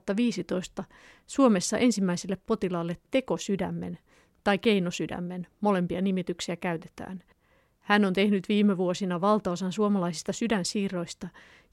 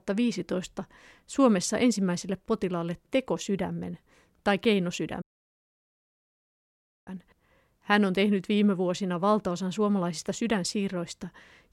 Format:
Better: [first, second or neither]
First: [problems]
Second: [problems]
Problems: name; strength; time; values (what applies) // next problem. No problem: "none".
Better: first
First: none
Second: audio cutting out; at 5 s for 2 s